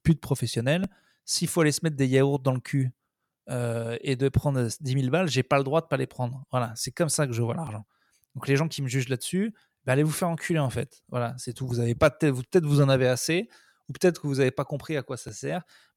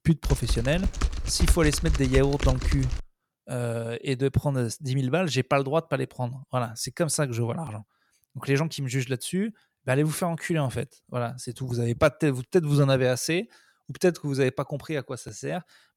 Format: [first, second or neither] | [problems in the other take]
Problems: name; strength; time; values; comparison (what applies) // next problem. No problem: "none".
first | keyboard typing; loud; until 3 s; peak level with the speech